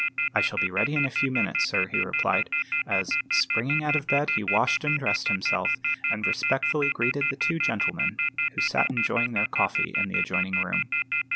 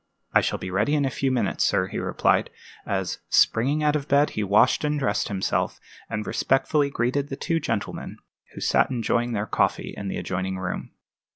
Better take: second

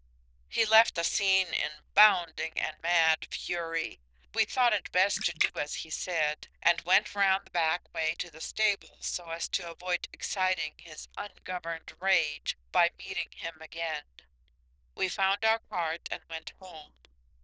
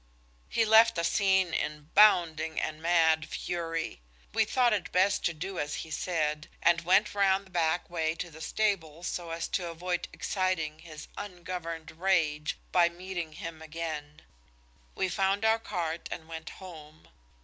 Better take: second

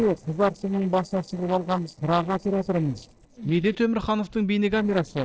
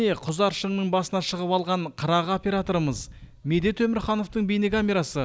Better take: second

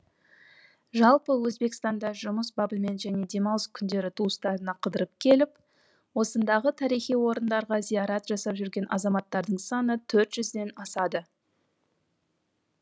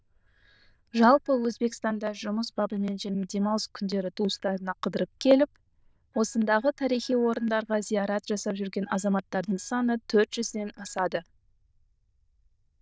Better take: first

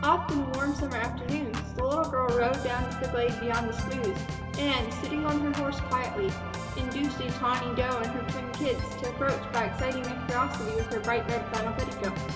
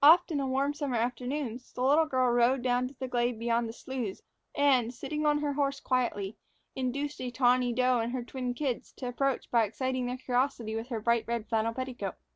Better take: second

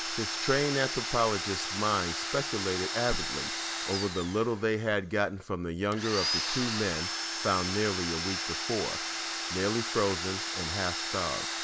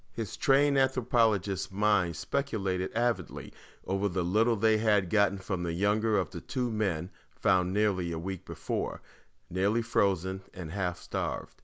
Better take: second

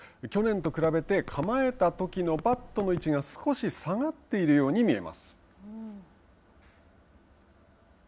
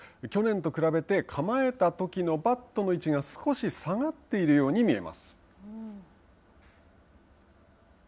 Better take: second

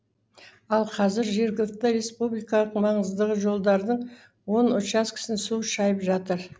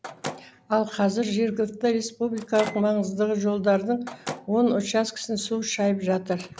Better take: first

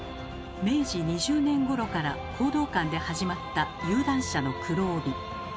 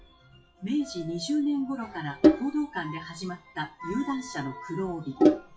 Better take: first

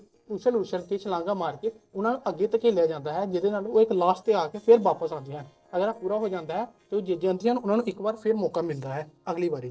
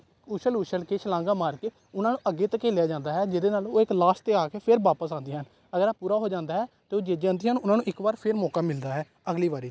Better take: second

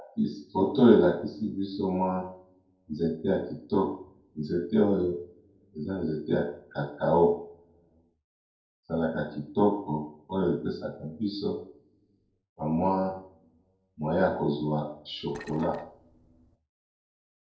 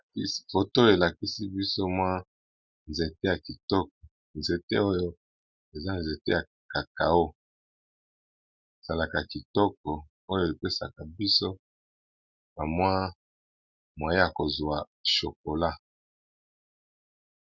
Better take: second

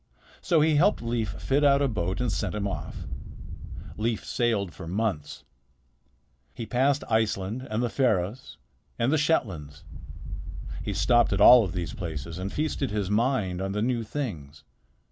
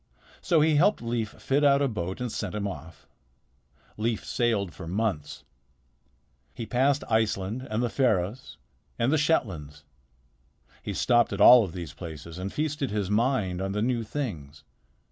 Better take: second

